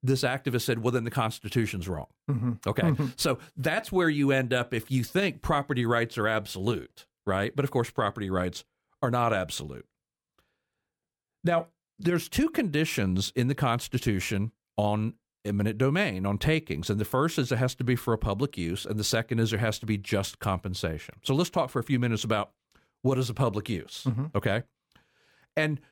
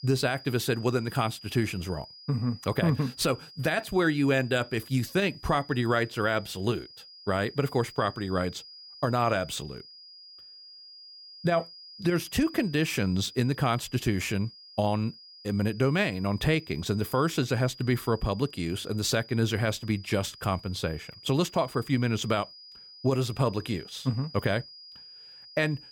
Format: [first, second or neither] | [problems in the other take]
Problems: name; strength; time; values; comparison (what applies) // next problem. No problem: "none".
first | high-pitched whine; noticeable; throughout; 5 kHz, 20 dB below the speech